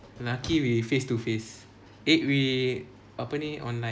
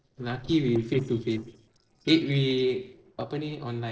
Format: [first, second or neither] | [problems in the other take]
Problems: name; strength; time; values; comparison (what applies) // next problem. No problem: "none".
first | noise reduction (neural separator model SepFormer DNS4)